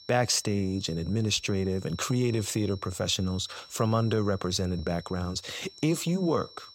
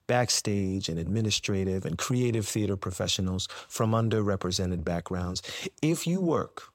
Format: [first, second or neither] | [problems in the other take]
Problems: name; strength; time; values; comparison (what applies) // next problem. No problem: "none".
second | high-pitched whine; noticeable; throughout; 5.5 kHz, 20 dB below the speech